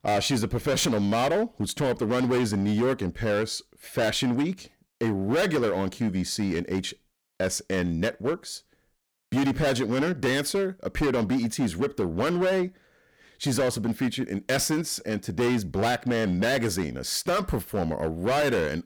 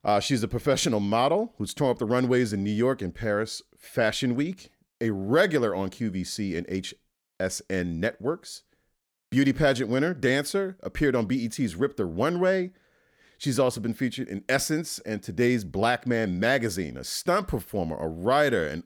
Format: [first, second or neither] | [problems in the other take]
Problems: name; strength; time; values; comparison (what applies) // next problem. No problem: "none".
second | distortion; heavy; 15% of the sound clipped